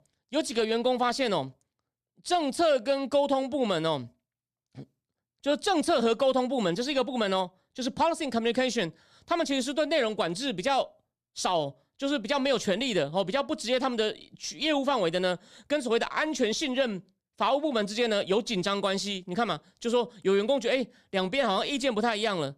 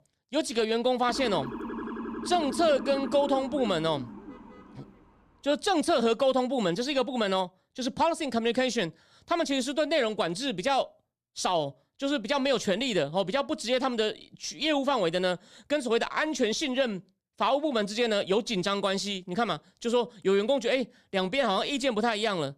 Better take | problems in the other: first | siren; noticeable; from 1 to 5 s; peak 8 dB below the speech

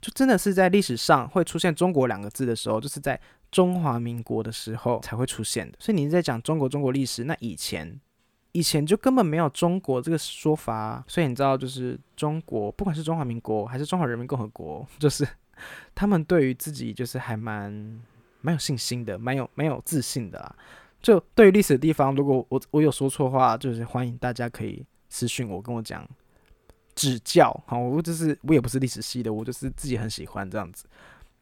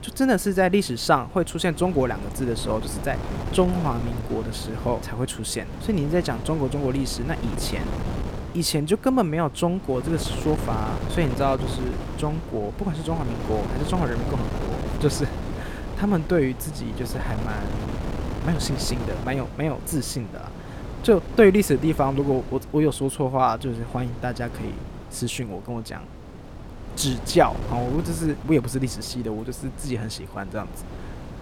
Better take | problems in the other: first | wind noise on the microphone; occasional gusts; 10 dB below the speech

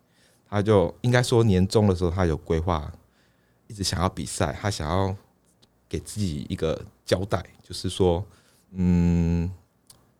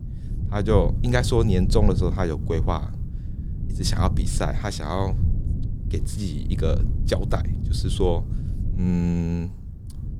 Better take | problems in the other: first | low rumble; noticeable; throughout; 10 dB below the speech

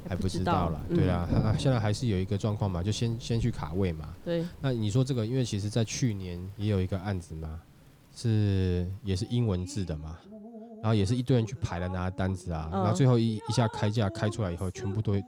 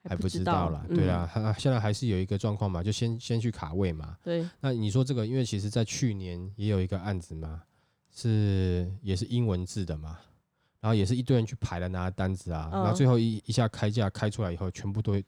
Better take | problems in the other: second | rain or running water; noticeable; throughout; 10 dB below the speech

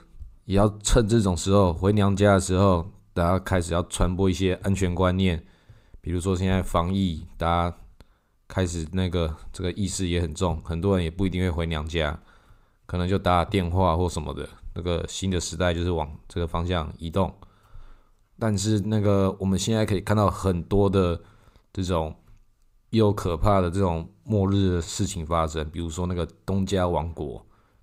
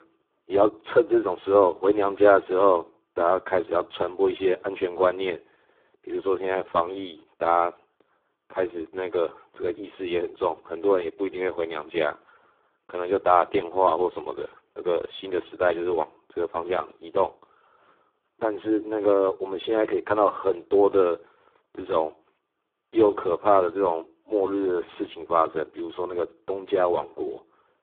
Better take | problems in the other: first | phone-call audio; poor line

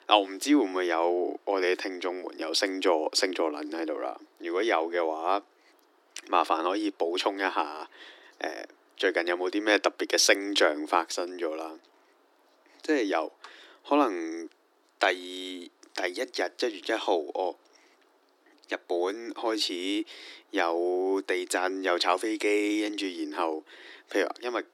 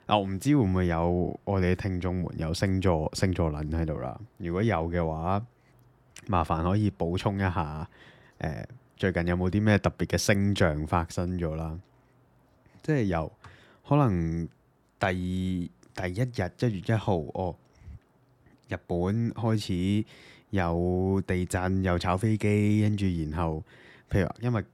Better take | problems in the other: second | thin; somewhat; fading below 300 Hz

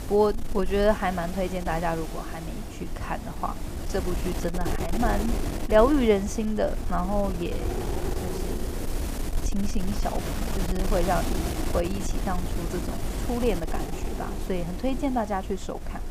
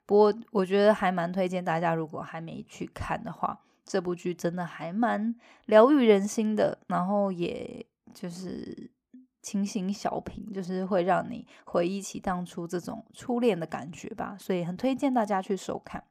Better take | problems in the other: second | wind noise on the microphone; heavy; 9 dB below the speech

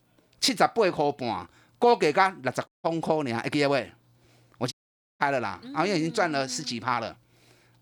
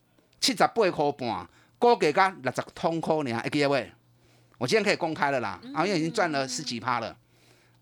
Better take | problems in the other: second | audio cutting out; at 2.5 s and at 4.5 s

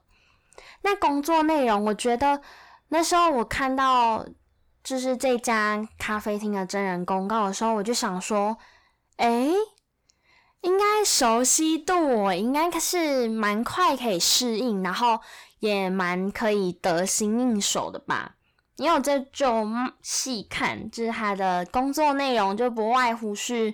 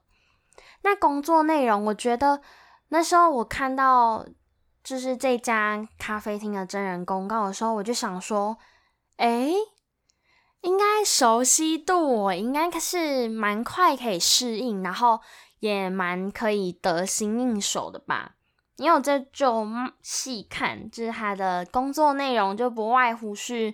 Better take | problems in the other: second | distortion; slight; 10 dB below the speech

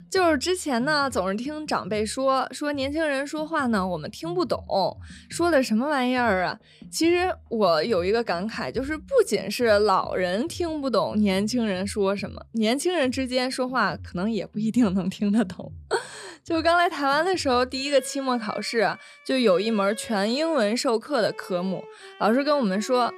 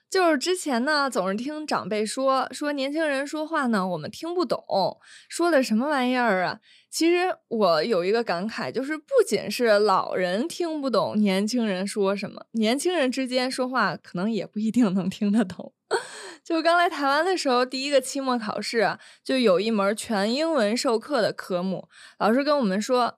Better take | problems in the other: second | background music; faint; throughout; 20 dB below the speech

